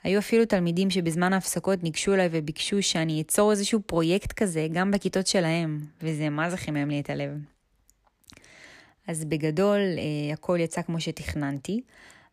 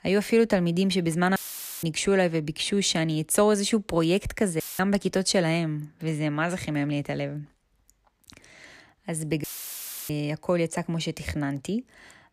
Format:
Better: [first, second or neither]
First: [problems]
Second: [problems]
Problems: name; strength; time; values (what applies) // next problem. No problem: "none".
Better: first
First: none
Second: audio cutting out; filled with static; at 1.5 s, at 4.5 s and at 9.5 s for 0.5 s